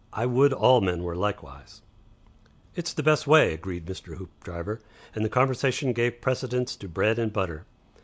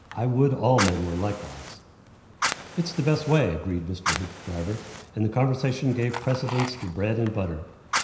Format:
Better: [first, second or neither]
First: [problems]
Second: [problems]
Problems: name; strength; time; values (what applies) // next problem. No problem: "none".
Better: first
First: none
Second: background sound (Fire); 9 dB below the speech // room echo; dies away in 0.9 s